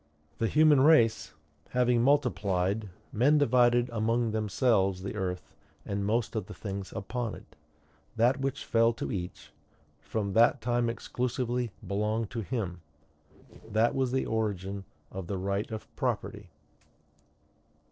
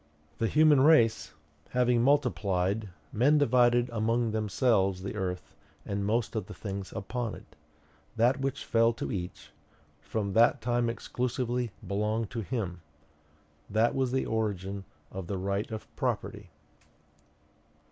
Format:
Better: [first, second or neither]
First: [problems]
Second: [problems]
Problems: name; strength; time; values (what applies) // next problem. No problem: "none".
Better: second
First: noise reduction (neural separator model SepFormer DNS4)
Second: none